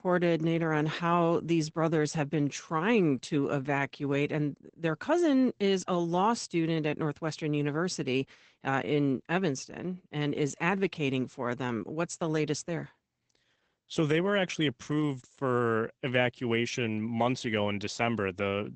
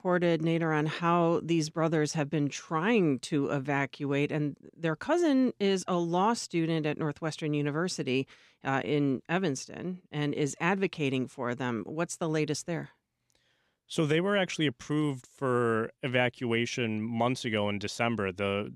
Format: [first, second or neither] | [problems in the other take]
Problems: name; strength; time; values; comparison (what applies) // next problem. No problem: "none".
second | garbled, watery; badly; nothing above 8 kHz